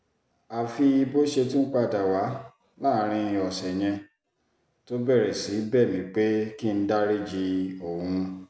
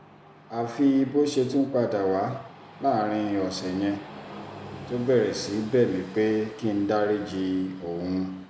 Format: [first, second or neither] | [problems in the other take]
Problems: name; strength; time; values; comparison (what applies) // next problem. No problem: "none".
first | background sound (Train); 18 dB below the speech